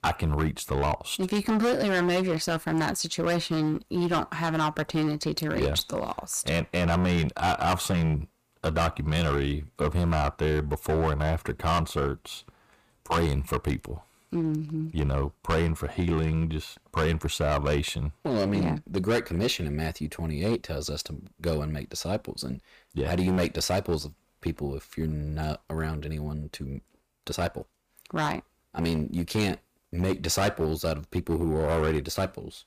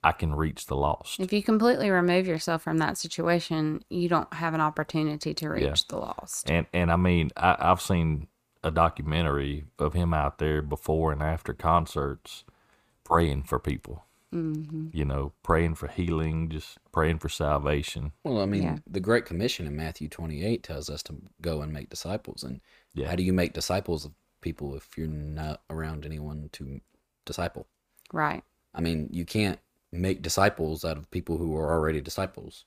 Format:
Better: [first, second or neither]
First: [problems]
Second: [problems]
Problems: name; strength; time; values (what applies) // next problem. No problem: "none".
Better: second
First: distortion; heavy; 10% of the sound clipped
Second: none